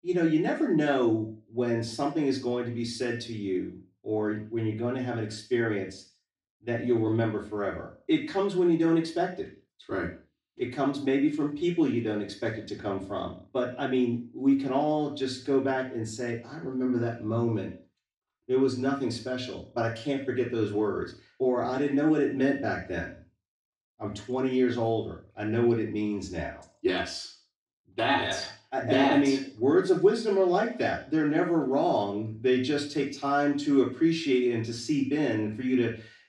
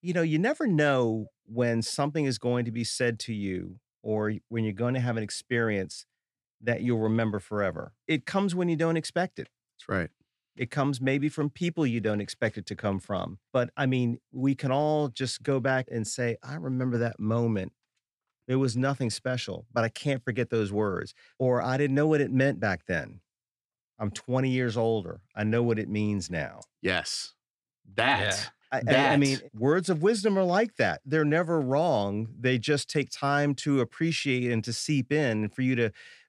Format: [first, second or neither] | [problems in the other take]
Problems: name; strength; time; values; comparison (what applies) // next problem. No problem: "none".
second | room echo; slight; dies away in 0.4 s // off-mic speech; far